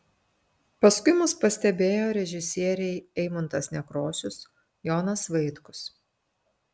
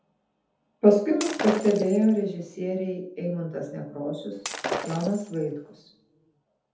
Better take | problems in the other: first | background sound (Shatter); 8 dB below the speech // room echo; dies away in 0.6 s

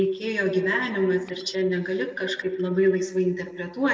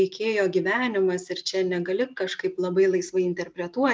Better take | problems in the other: second | noise reduction (neural separator model SepFormer DNS4)

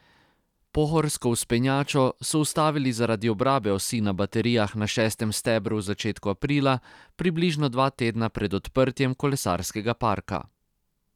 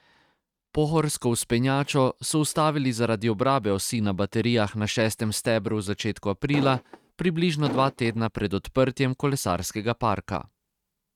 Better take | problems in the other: first | noise reduction (neural mask model RNNoise)

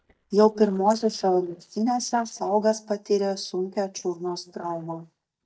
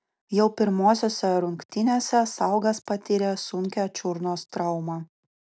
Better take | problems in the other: second | noise reduction (neural mask model DeepFilterNet 3)

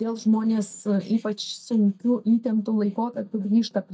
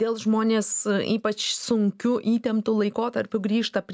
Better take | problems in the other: second | noise reduction (neural mask model DeepFilterNet 3)

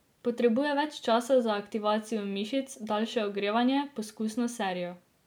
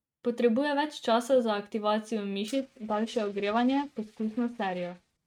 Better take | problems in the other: first | noise reduction (neural mask model RNNoise)

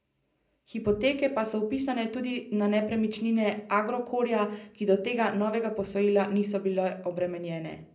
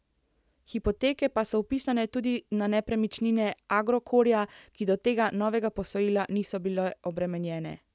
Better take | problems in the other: second | room echo; dies away in 0.5 s

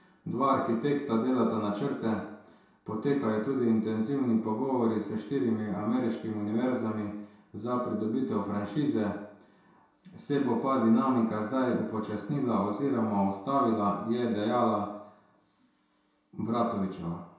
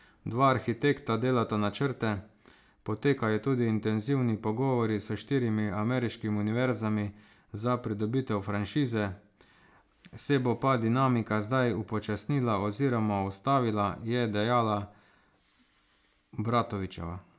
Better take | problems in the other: second | room echo; dies away in 0.7 s

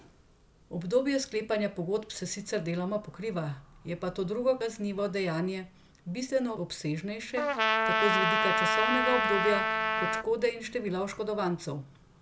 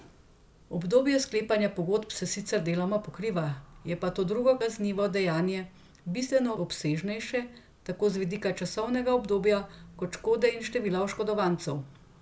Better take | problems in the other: second | background sound (Trumpet); 4 dB above the speech

